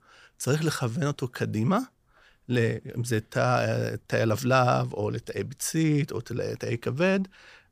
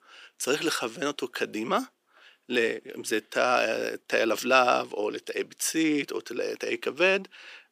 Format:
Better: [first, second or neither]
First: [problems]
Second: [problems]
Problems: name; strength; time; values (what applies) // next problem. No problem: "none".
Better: first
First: none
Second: thin; somewhat; fading below 300 Hz